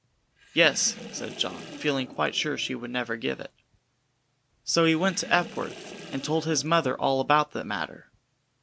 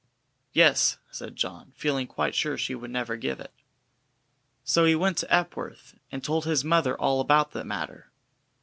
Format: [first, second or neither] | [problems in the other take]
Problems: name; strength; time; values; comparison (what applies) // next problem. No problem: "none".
second | background sound (Sink (filling or washing) / Water); 16 dB below the speech